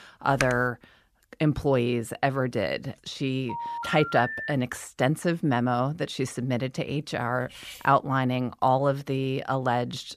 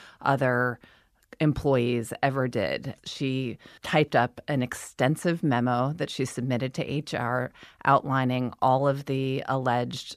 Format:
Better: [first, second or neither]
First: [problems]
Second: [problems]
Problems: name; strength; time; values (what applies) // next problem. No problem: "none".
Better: second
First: keyboard typing; noticeable; at 0.5 s; peak 5 dB below the speech // phone ringing; noticeable; from 3.5 to 4.5 s; peak 6 dB below the speech // clattering dishes; faint; at 7.5 s; peak 15 dB below the speech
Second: none